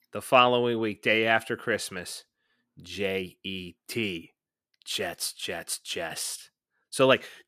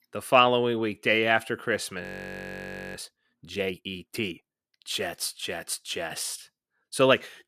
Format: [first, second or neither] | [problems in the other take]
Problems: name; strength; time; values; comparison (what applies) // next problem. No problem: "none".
first | audio freezing; at 2 s for 1 s